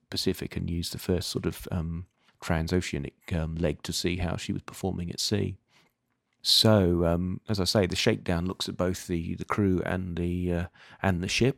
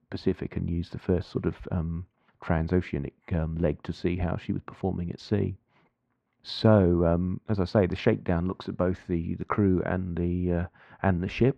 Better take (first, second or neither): first